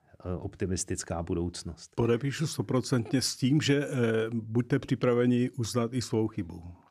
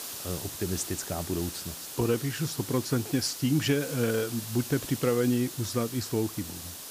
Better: first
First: none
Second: hiss; loud; throughout; 8 dB below the speech

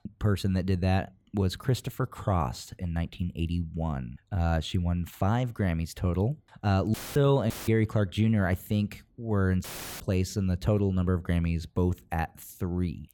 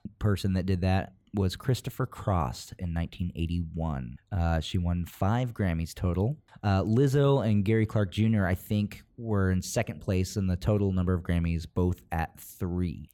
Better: second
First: audio cutting out; filled with static; at 7 s, at 7.5 s and at 9.5 s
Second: none

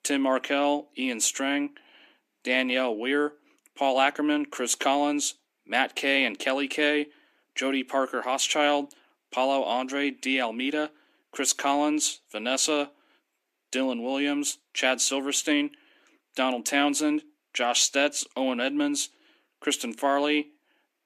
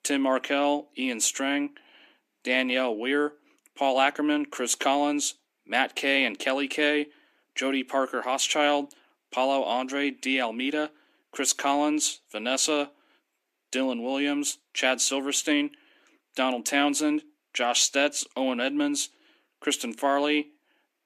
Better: neither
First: thin; very slightly; fading below 250 Hz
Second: thin; very slightly; fading below 250 Hz

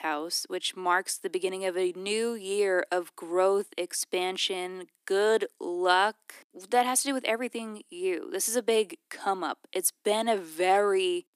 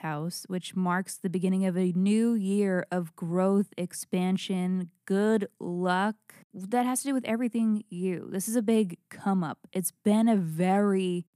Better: second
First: thin; very; fading below 300 Hz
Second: none

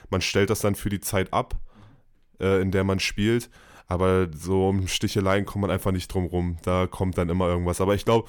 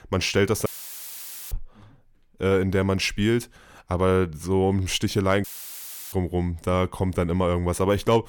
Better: first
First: none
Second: audio cutting out; filled with static; at 0.5 s for 1 s and at 5.5 s for 0.5 s

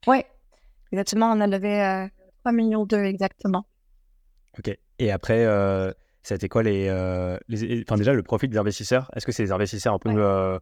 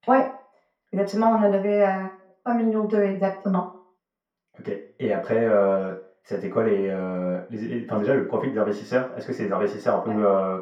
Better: first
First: none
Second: room echo; slight; dies away in 0.4 s // off-mic speech; far

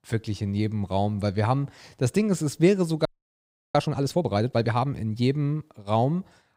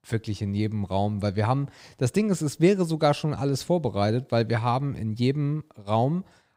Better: second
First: audio freezing; at 3 s for 0.5 s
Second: none

